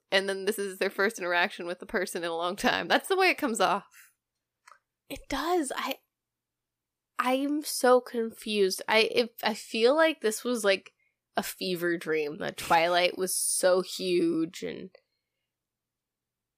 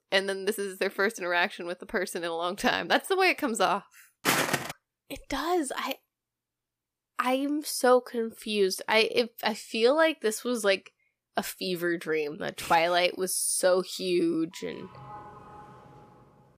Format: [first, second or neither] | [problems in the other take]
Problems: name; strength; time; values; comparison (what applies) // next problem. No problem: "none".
first | footsteps; loud; at 4.5 s; peak 2 dB above the speech // doorbell; faint; from 15 s on; peak 15 dB below the speech